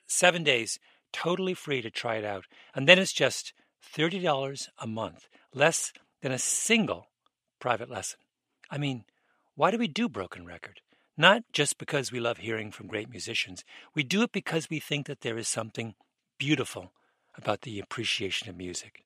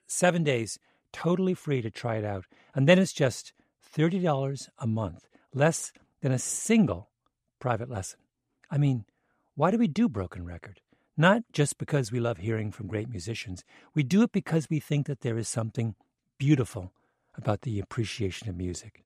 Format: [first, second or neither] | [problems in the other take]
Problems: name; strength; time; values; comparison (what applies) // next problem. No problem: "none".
second | thin; somewhat; fading below 550 Hz